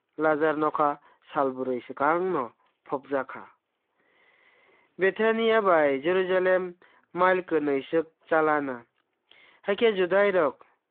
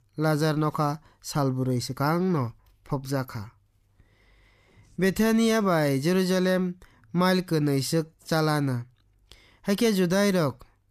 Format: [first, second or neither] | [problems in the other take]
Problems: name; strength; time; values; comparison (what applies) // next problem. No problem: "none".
second | phone-call audio